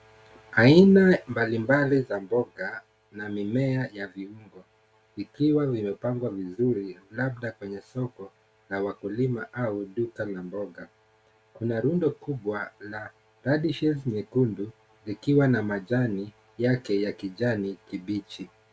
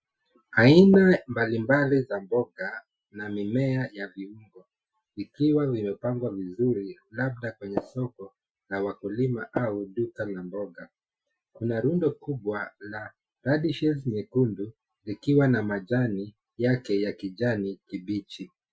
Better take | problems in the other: first | noise reduction (classical method Wiener filter)

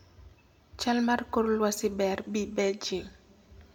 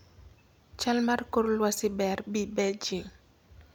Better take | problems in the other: second | room echo; dies away in 0.3 s

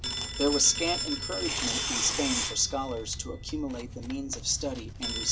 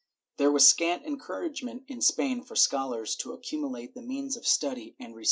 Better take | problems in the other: second | background sound (Tearing + Telephone); 2 dB below the speech

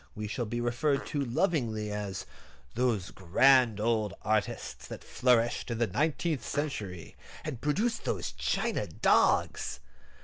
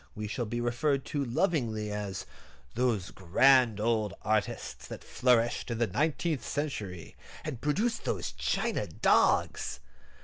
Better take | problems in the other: second | background sound (Fart); 18 dB below the speech

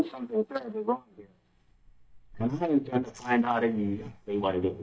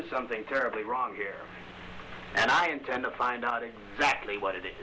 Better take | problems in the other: second | noise reduction (neural mask model DeepFilterNet 3)

